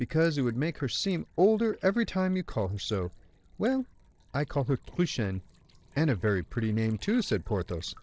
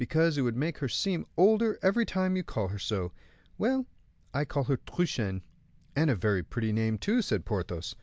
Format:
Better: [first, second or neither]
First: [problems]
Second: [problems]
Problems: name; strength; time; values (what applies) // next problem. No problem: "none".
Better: second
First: noise reduction (neural separator model SepFormer DNS4)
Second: none